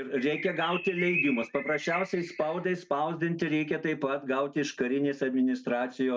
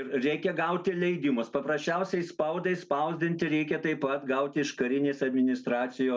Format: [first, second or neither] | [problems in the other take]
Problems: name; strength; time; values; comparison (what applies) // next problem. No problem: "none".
second | noise reduction (neural mask model RNNoise)